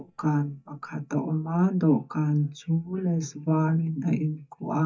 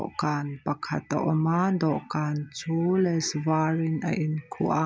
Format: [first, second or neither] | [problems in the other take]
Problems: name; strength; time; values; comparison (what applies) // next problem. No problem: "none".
second | noise reduction (neural mask model DeepFilterNet 3)